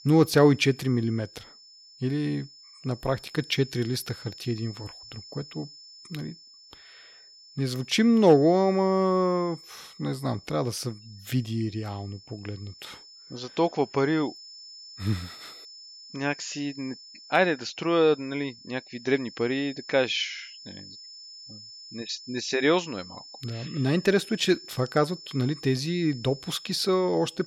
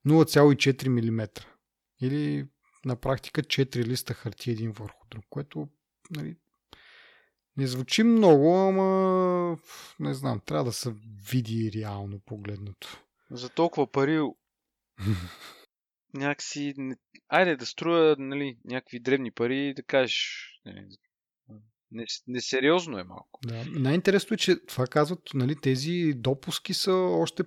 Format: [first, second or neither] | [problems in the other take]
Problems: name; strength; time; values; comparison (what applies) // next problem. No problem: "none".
second | high-pitched whine; noticeable; throughout; 5 kHz, 20 dB below the speech